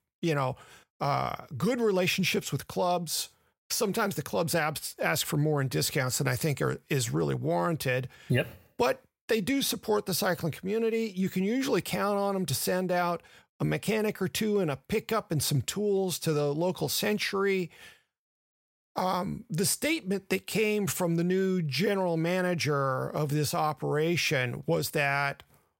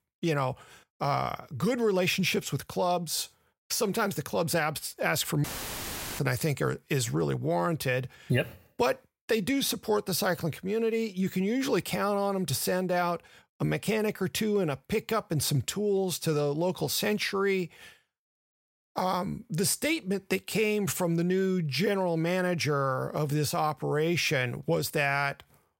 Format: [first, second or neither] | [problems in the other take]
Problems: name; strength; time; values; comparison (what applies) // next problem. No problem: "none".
first | audio cutting out; filled with static; at 5.5 s for 1 s